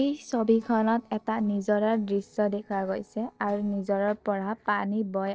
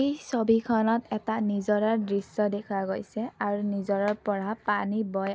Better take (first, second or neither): second